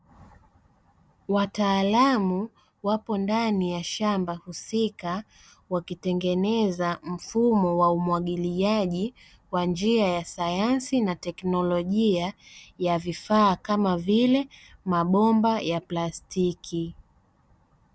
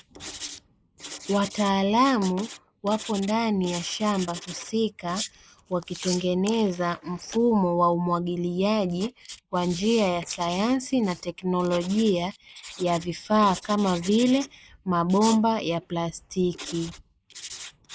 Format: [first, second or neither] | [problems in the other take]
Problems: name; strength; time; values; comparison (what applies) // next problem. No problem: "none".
first | noise reduction (neural mask model Resemble Enhance denoiser)